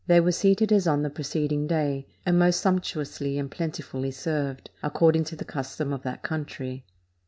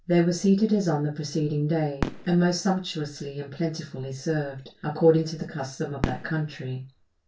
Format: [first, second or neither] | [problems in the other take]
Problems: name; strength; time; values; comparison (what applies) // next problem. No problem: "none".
first | background sound (Fireworks); 14 dB below the speech // room echo; dies away in 0.2 s